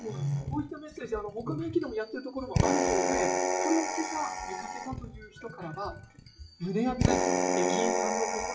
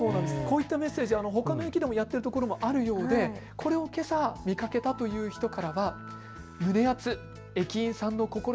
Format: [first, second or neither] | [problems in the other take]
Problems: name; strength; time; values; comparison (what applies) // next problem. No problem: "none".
second | noise reduction (classical method WPE with log-MMSE)